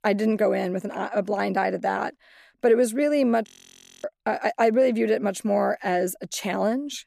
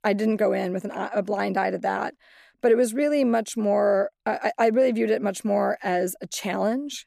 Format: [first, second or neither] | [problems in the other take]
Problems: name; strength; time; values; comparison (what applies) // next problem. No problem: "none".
second | audio freezing; at 3.5 s for 0.5 s